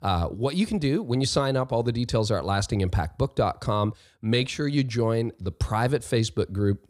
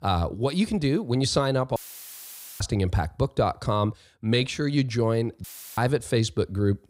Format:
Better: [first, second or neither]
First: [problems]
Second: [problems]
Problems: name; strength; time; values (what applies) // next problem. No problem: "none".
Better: first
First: none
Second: audio cutting out; filled with static; at 2 s for 1 s and at 5.5 s